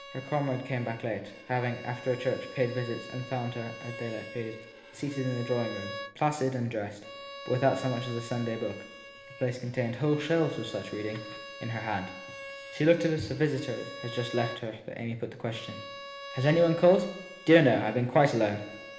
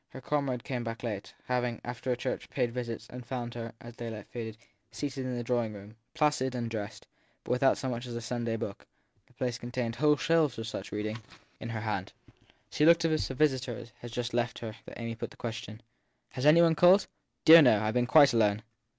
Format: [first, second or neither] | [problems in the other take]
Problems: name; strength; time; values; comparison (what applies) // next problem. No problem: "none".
second | background sound (Bowed string instrument); 15 dB below the speech // room echo; dies away in 1.1 s